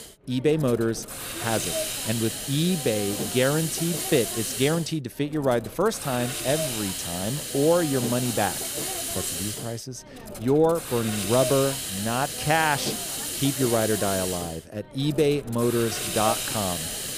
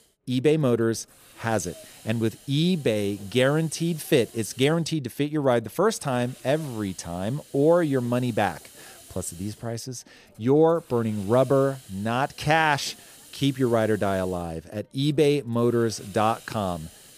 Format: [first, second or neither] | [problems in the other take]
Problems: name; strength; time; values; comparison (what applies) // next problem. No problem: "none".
second | hiss; loud; throughout; 3 dB below the speech; faint in the second